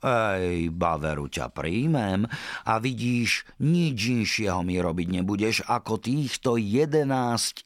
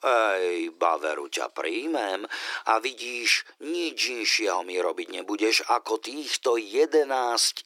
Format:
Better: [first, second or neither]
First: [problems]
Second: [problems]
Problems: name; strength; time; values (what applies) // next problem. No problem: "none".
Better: first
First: none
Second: thin; very; fading below 300 Hz